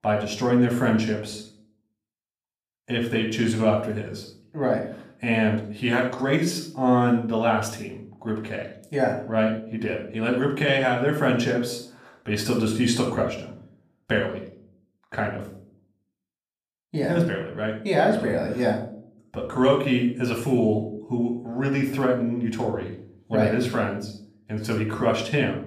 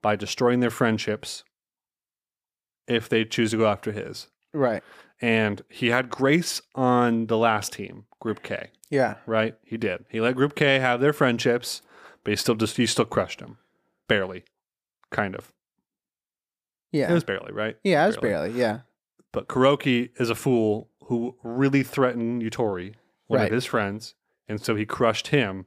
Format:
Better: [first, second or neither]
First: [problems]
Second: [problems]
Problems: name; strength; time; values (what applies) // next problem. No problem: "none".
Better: second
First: off-mic speech; somewhat distant // room echo; noticeable; dies away in 0.5 s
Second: none